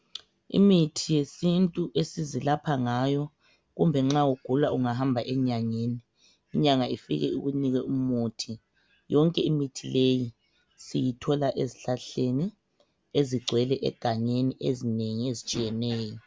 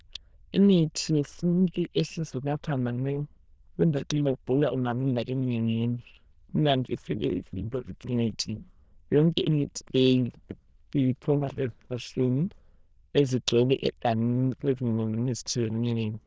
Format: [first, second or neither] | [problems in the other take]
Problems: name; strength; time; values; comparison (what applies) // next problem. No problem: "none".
first | noise reduction (neural diffusion model UNIVERSE++)